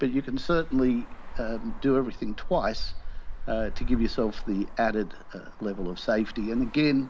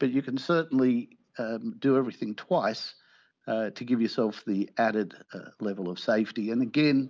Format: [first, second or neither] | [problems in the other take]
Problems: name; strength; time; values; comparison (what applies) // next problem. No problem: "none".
second | background sound (Traffic noise, roadway noise); 4 dB below the speech